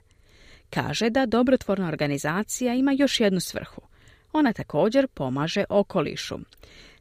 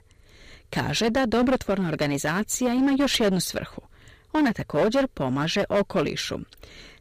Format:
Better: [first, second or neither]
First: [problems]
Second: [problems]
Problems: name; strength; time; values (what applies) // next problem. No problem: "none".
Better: first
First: none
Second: distortion; heavy; 10% of the sound clipped